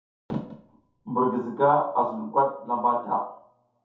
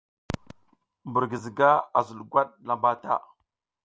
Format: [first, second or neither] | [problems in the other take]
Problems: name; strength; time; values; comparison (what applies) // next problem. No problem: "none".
second | room echo; dies away in 0.5 s